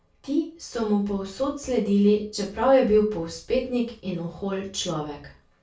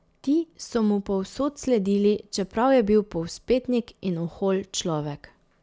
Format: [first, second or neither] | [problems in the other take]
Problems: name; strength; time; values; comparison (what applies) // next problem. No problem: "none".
second | room echo; dies away in 0.3 s